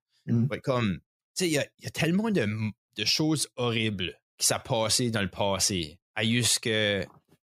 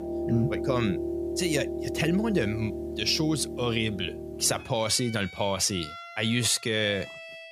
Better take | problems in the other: first | background music; loud; throughout; 7 dB below the speech

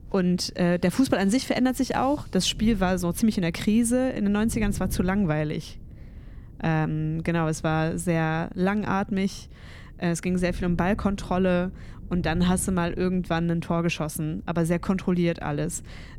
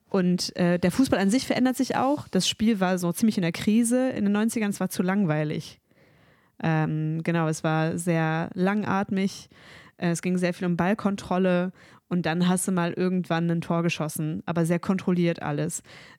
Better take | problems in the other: second | wind noise on the microphone; occasional gusts; 25 dB below the speech

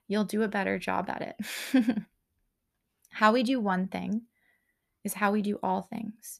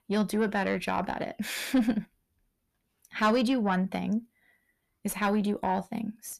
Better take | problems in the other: first | distortion; slight; 10 dB below the speech

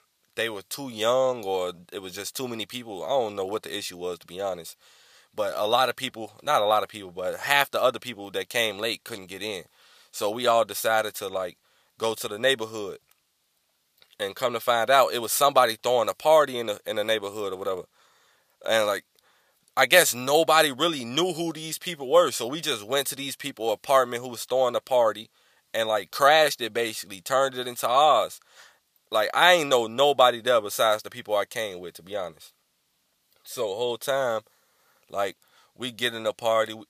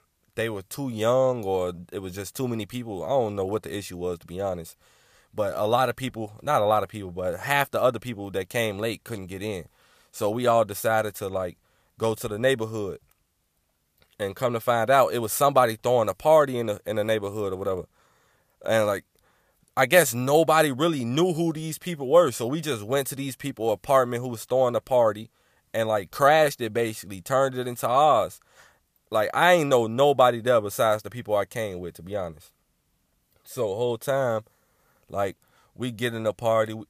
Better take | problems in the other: second | thin; very slightly; fading below 550 Hz

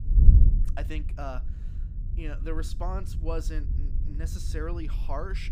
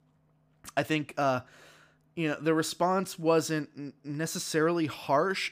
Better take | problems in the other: second | wind noise on the microphone; heavy; 8 dB below the speech

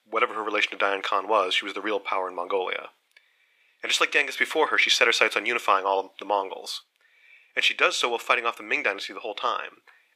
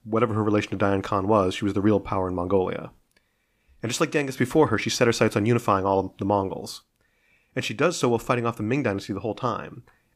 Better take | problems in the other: second | thin; very; fading below 450 Hz

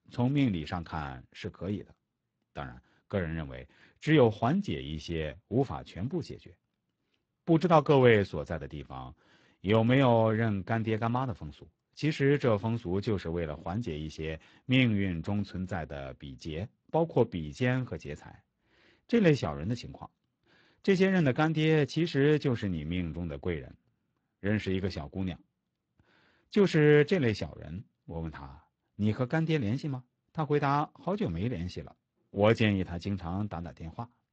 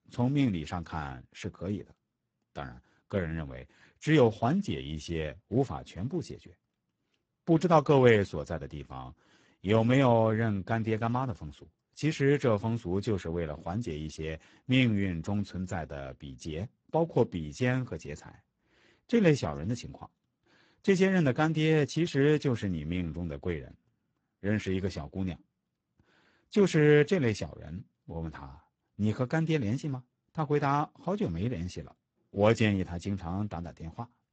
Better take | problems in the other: first | garbled, watery; badly; nothing above 8 kHz; slightly in the first

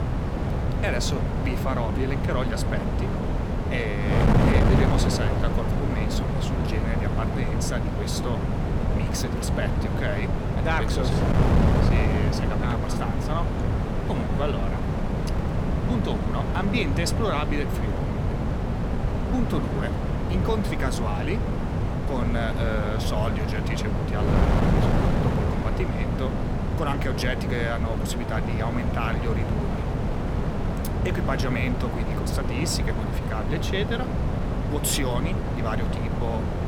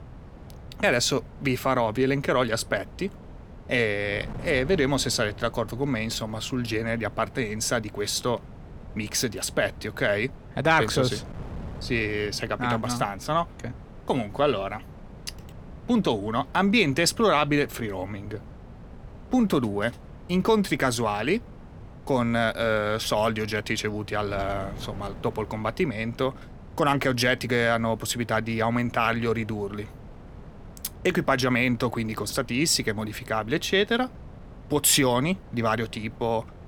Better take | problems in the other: second | wind noise on the microphone; heavy; as loud as the speech; occasional gusts in the second

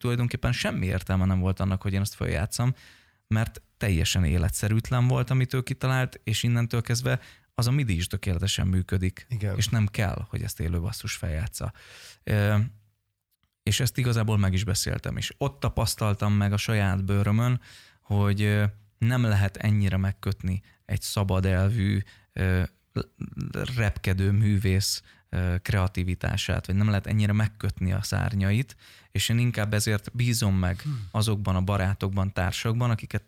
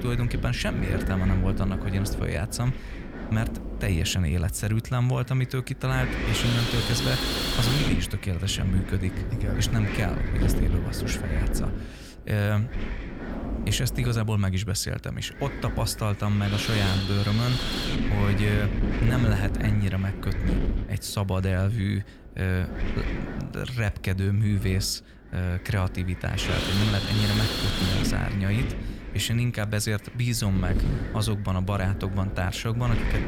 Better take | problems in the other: first | wind noise on the microphone; heavy; 1 dB below the speech

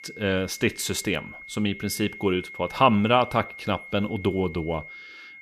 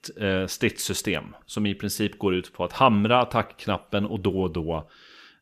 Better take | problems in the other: second | high-pitched whine; noticeable; throughout; 2 kHz, 15 dB below the speech

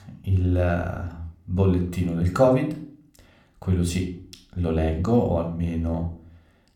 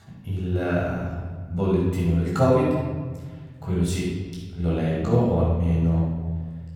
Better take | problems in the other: first | room echo; strong; dies away in 1.5 s; slight in the first // off-mic speech; far

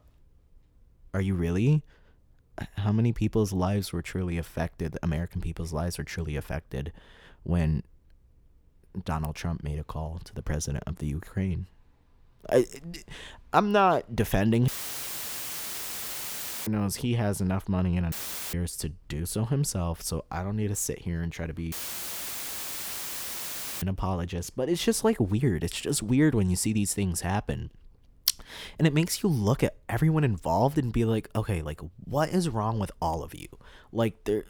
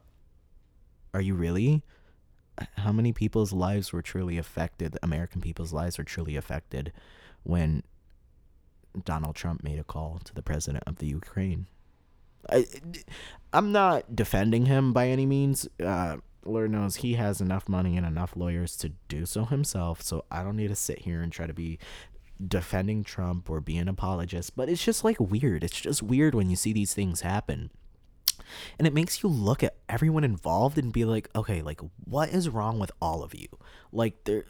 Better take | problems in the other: second | audio cutting out; filled with static; at 15 s for 2 s, at 18 s and at 22 s for 2 s

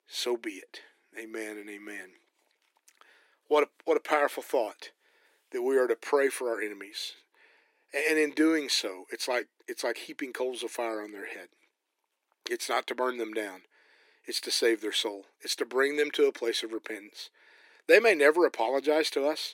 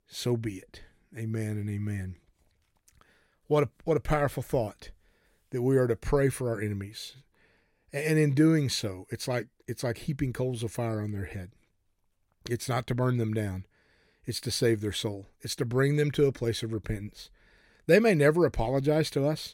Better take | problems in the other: second | thin; very; fading below 300 Hz

